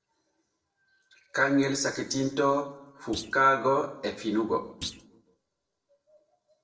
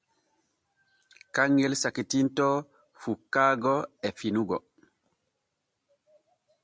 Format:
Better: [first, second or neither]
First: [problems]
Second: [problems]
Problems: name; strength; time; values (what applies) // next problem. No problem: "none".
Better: second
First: noise reduction (neural separator model SepFormer DNS4)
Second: none